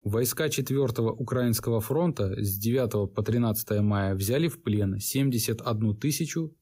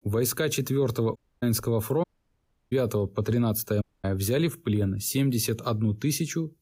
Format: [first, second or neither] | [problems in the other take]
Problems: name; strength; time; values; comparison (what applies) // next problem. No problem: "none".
first | audio cutting out; at 1 s, at 2 s for 0.5 s and at 4 s